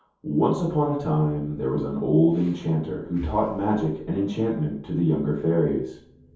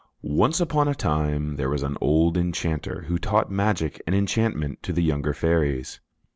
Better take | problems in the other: second | background sound (Breathing); 17 dB below the speech // room echo; dies away in 0.6 s

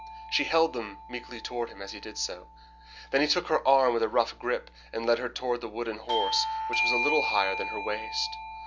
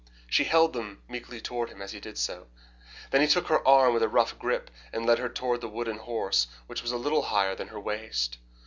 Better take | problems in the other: second | background sound (Bell / Doorbell); 6 dB below the speech

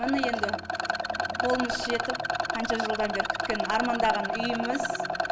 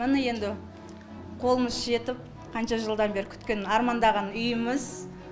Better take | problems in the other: second | background sound (Rattle); 2 dB above the speech

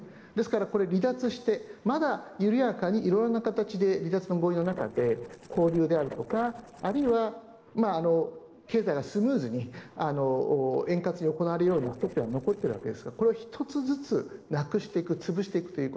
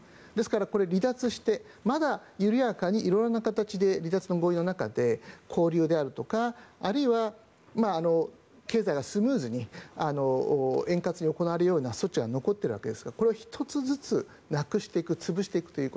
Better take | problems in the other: second | noise reduction (neural separator model SepFormer DNS4)

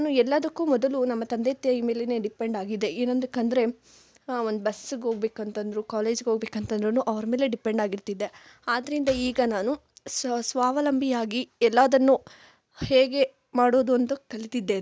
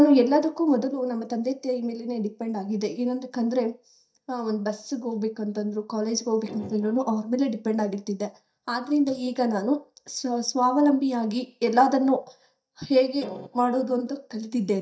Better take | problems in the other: first | noise reduction (neural mask model DeepFilterNet 3)

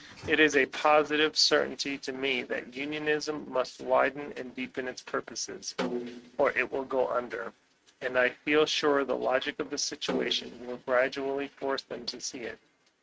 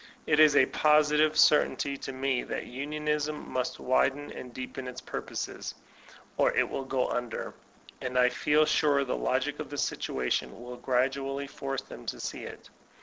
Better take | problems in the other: second | noise reduction (neural mask model RNNoise)

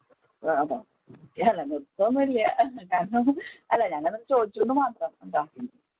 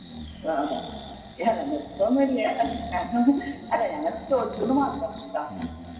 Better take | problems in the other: first | background sound (Breathing); 14 dB below the speech // room echo; dies away in 2.6 s

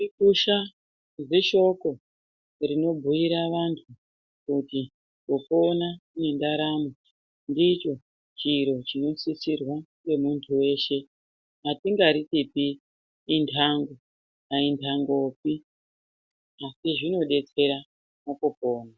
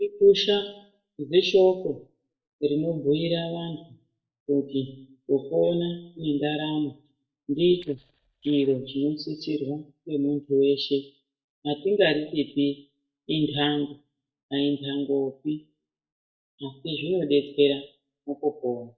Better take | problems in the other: first | noise reduction (neural mask model DeepFilterNet 3)

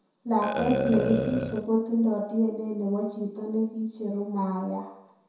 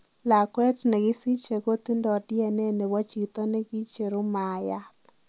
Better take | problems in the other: second | background sound (Burping, eructation); 5 dB below the speech // room echo; dies away in 0.7 s

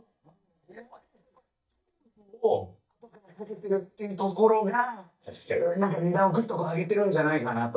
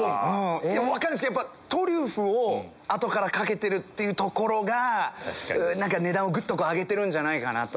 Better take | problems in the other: second | noise reduction (neural mask model DeepFilterNet 3)

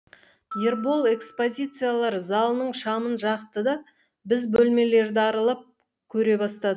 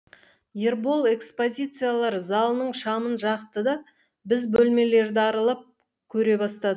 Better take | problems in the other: second | background sound (Glockenspiel); 19 dB below the speech

